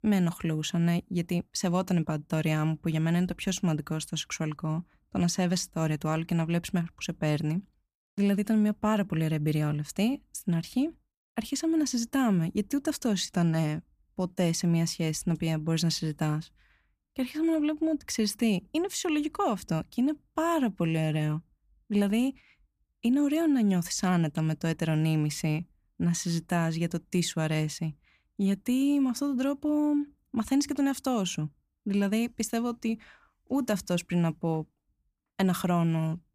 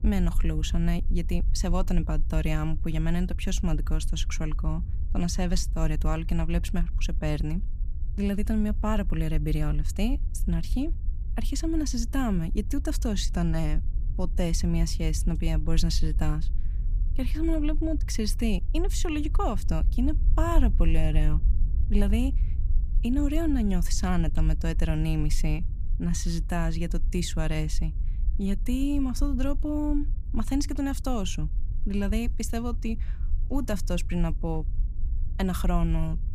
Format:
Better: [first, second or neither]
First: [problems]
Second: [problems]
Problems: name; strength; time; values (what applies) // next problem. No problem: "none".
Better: first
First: none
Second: low rumble; noticeable; throughout; 20 dB below the speech